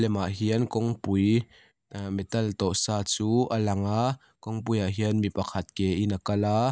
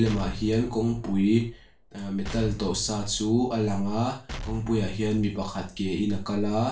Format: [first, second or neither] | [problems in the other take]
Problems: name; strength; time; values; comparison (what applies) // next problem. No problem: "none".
first | background sound (Explosion); 14 dB below the speech // room echo; dies away in 0.3 s